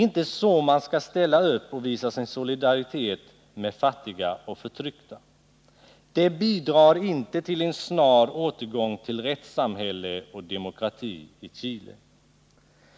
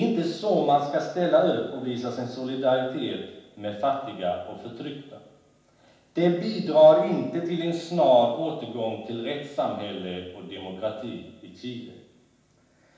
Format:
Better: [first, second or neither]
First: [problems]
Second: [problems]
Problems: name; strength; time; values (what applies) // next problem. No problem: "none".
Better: first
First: none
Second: room echo; dies away in 0.9 s